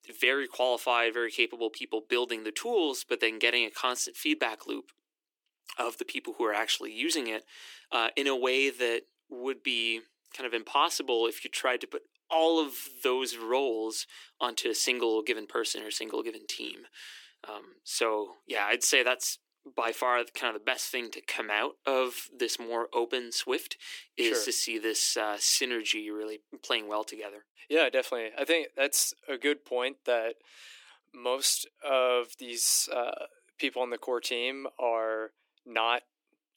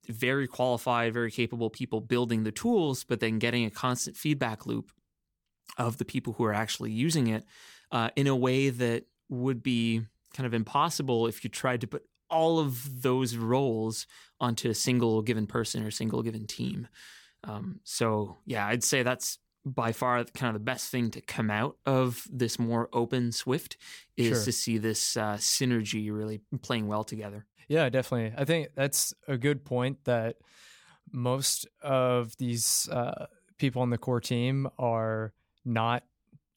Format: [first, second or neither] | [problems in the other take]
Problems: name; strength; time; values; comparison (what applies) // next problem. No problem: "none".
second | thin; very; fading below 300 Hz